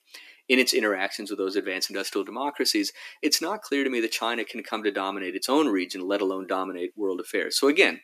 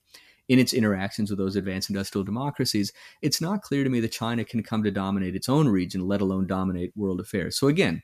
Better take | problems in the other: second | thin; somewhat; fading below 300 Hz

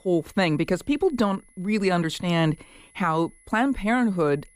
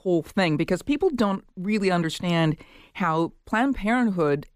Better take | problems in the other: second | high-pitched whine; faint; throughout; 10.5 kHz, 30 dB below the speech

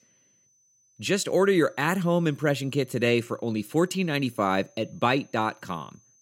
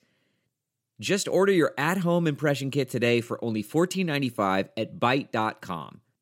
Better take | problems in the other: second | high-pitched whine; faint; throughout; 6 kHz, 35 dB below the speech

